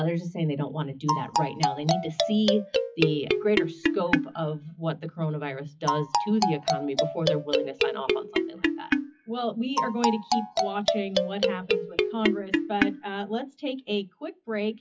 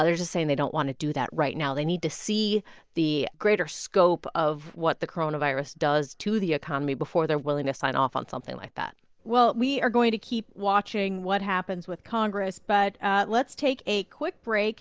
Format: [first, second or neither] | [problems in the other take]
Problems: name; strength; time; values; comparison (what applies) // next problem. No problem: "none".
second | noise reduction (classical method WPE with log-MMSE)